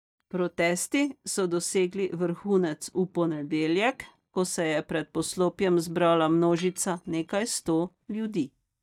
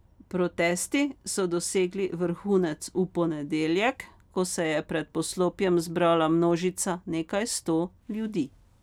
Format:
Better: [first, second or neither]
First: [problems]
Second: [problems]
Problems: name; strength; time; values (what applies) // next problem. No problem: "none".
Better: second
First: noise reduction (neural mask model DeepFilterNet 3)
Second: none